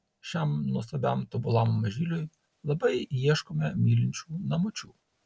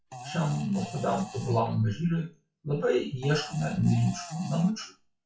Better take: first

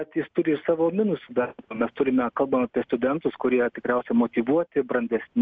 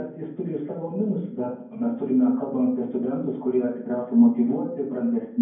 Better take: first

